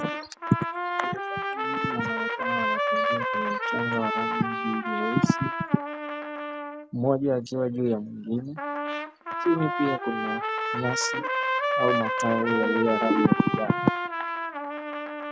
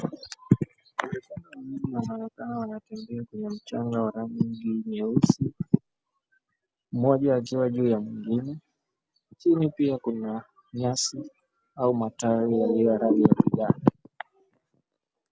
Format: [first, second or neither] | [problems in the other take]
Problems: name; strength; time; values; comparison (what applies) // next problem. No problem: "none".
second | background sound (Trumpet); 1 dB below the speech